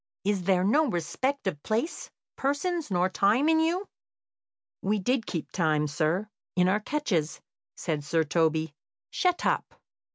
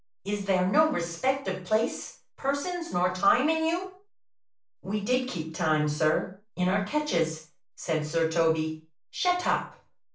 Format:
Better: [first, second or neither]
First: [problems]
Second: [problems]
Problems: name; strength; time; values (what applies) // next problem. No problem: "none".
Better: first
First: none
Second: room echo; dies away in 0.3 s